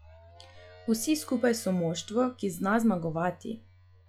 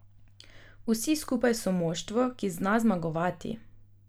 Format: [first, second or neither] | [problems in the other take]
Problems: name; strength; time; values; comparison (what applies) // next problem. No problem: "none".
second | noise reduction (classical method log-MMSE)